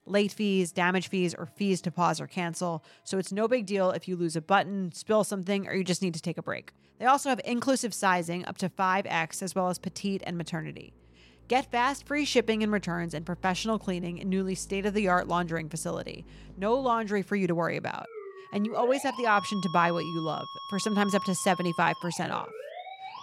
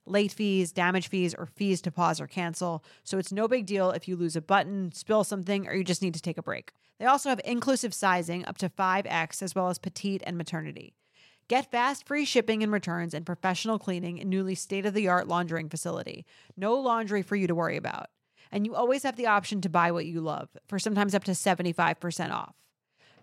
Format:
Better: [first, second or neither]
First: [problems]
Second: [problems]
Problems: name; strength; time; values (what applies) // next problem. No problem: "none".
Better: second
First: background music; noticeable; throughout; 15 dB below the speech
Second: none